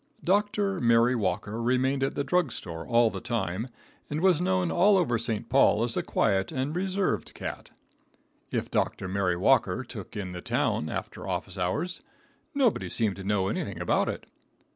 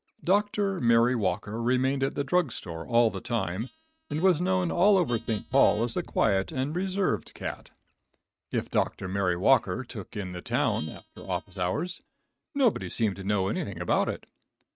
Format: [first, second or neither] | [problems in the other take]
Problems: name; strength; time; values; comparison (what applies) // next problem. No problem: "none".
first | noise reduction (neural mask model RNNoise)